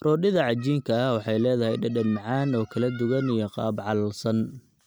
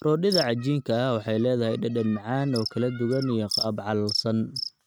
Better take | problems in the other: first | noise reduction (neural mask model RNNoise)

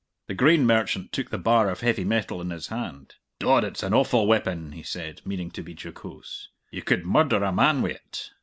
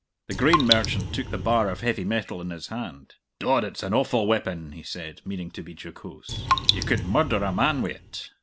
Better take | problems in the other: first | background sound (Raindrop); 2 dB below the speech

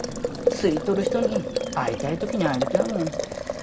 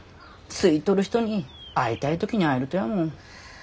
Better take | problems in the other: second | background sound (Boiling); as loud as the speech // room echo; dies away in 1.6 s

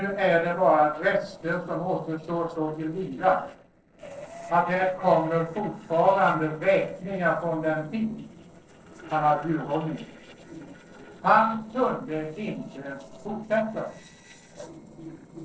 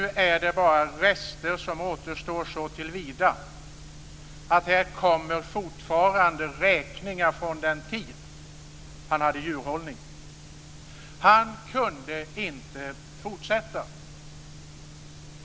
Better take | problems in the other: second | noise reduction (neural separator model SepFormer DNS4)

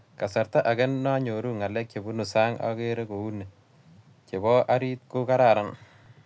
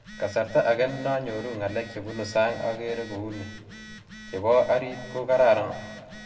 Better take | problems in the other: first | background sound (Telephone); 17 dB below the speech // room echo; dies away in 1.3 s

